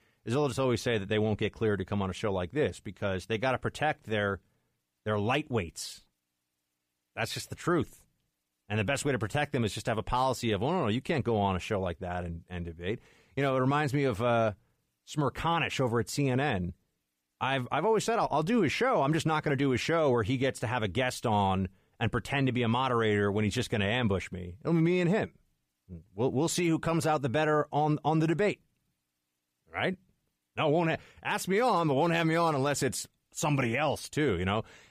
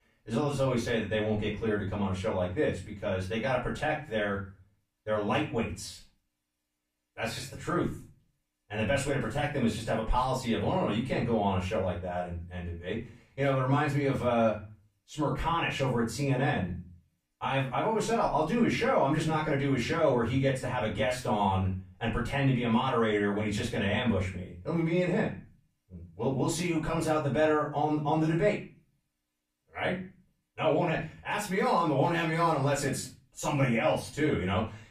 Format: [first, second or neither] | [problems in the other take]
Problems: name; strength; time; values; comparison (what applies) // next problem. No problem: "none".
first | room echo; slight; dies away in 0.3 s // off-mic speech; far